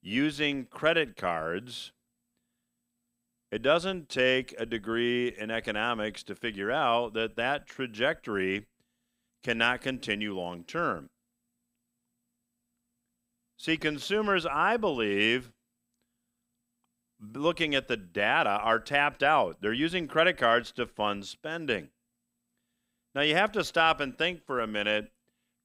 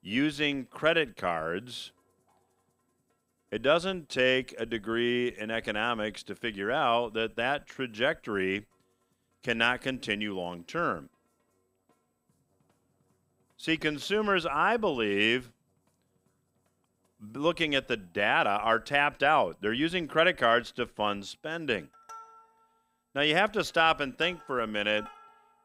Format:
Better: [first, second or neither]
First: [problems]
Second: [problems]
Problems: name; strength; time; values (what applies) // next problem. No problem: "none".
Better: first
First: none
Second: background music; faint; throughout; 25 dB below the speech